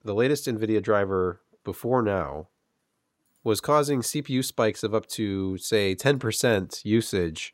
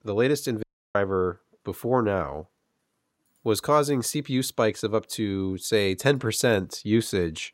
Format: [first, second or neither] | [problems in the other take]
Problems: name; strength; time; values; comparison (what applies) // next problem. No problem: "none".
first | audio cutting out; at 0.5 s